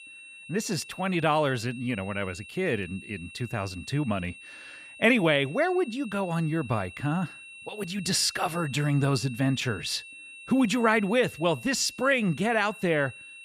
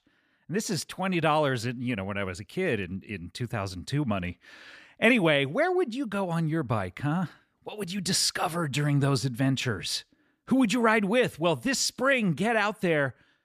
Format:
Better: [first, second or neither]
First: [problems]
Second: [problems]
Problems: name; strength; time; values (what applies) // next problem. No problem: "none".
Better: second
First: high-pitched whine; noticeable; throughout; 2.5 kHz, 15 dB below the speech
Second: none